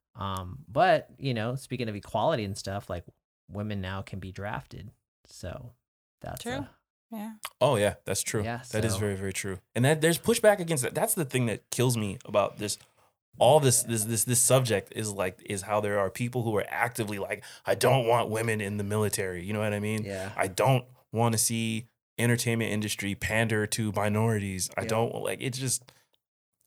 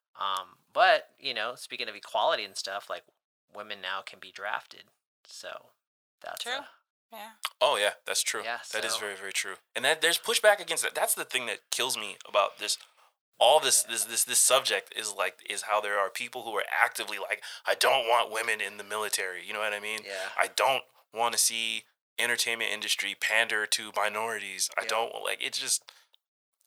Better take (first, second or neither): first